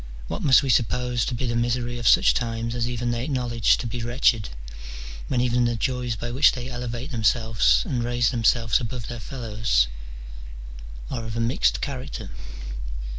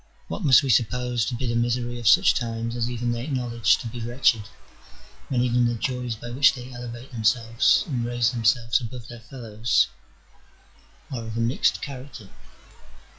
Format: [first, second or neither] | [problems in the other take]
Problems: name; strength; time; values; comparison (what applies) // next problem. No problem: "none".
first | noise reduction (classical method log-MMSE)